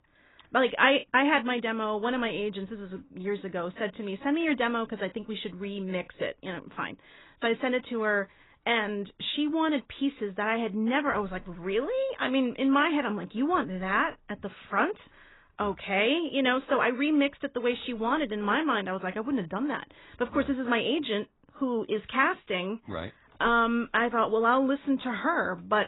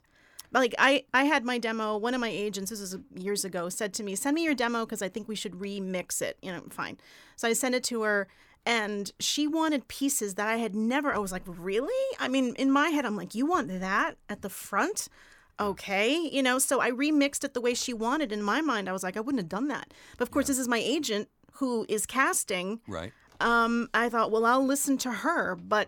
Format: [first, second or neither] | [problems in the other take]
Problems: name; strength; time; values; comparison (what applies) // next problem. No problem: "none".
second | garbled, watery; badly; nothing above 4 kHz